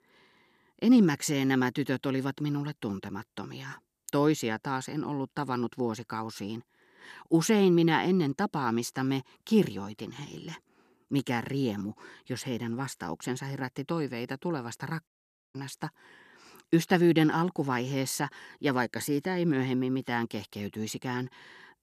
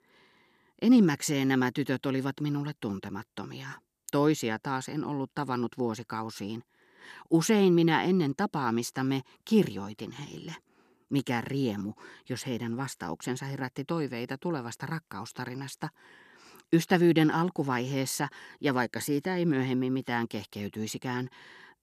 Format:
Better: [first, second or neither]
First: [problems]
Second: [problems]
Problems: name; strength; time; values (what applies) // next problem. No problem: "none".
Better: second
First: audio cutting out; at 15 s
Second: none